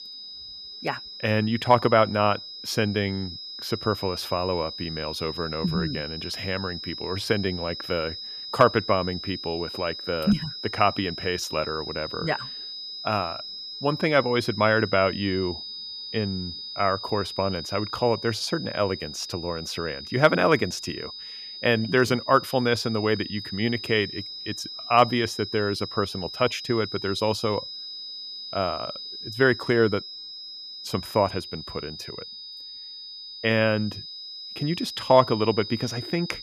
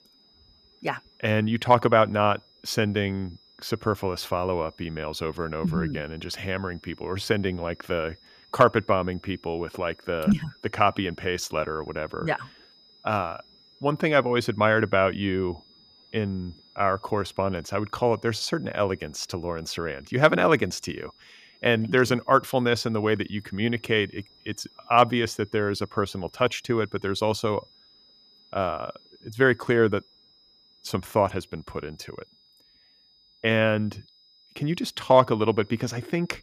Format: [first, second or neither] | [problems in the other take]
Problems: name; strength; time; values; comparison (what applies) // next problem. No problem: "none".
second | high-pitched whine; loud; throughout; 5 kHz, 9 dB below the speech; faint in the second